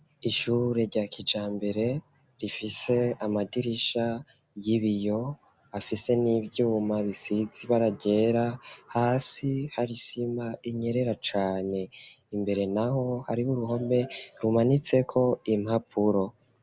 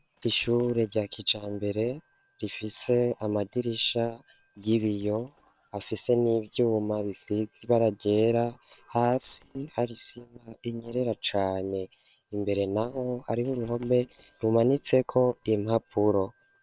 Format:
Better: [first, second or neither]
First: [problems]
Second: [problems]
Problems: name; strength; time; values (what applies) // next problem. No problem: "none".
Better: first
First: none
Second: noise reduction (neural separator model SepFormer WHAM!)